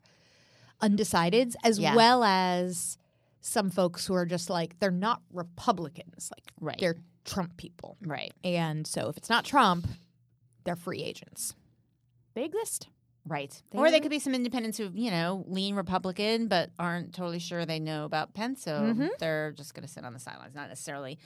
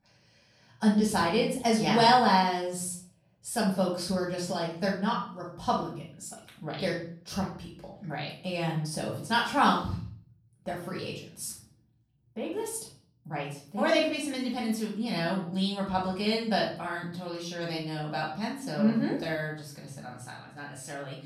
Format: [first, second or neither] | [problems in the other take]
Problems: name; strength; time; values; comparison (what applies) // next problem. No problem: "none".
first | off-mic speech; far // room echo; noticeable; dies away in 0.4 s